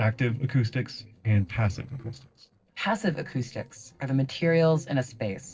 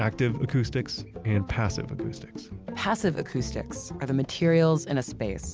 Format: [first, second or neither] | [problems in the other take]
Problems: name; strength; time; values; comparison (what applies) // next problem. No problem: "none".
second | noise reduction (neural separator model SepFormer DNS4)